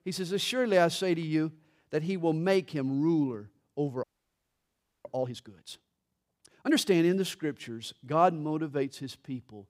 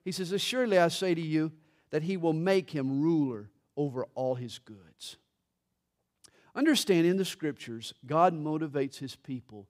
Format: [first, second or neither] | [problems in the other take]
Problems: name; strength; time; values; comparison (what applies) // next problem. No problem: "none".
second | audio freezing; at 4 s for 1 s